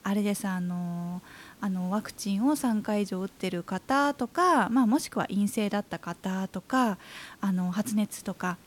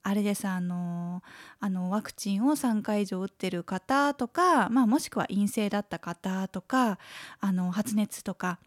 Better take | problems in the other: second | hiss; faint; throughout; 25 dB below the speech

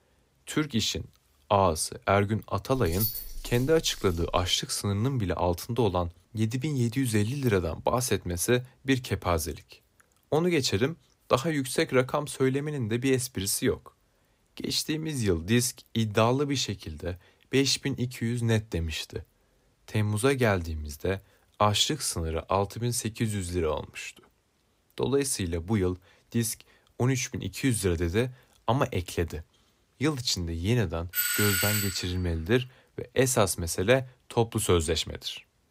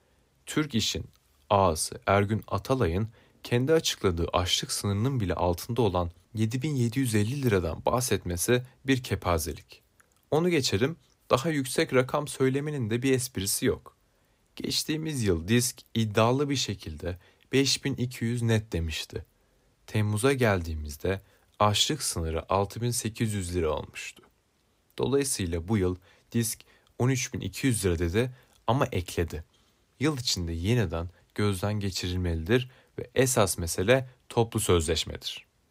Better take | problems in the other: second | jangling keys; noticeable; from 3 to 4.5 s; peak 2 dB below the speech // doorbell; loud; at 31 s; peak 3 dB above the speech

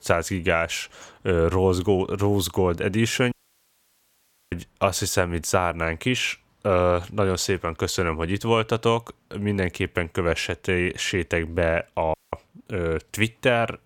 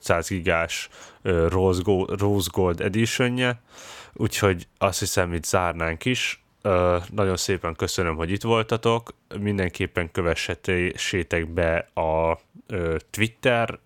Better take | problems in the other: second | audio cutting out; at 3.5 s for 1 s and at 12 s

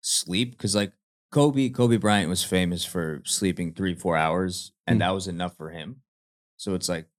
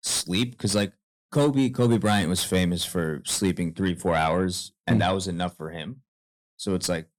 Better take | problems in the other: first | distortion; slight; 10 dB below the speech

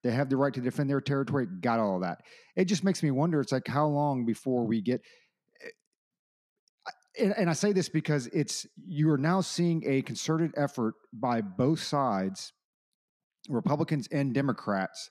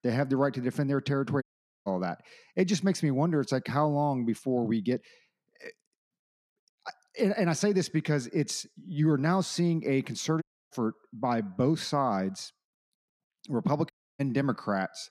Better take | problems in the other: first | audio cutting out; at 1.5 s, at 10 s and at 14 s

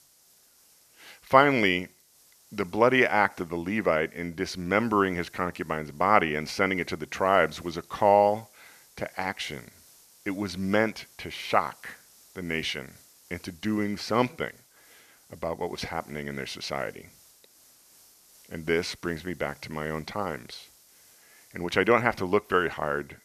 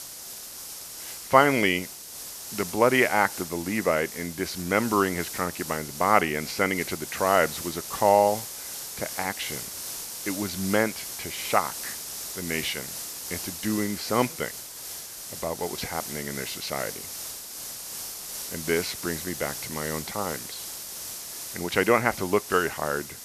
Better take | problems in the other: first | hiss; loud; throughout; 8 dB below the speech; faint in the first

